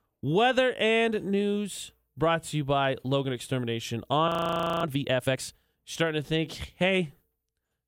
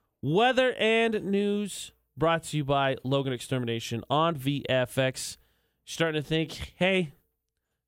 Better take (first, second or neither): second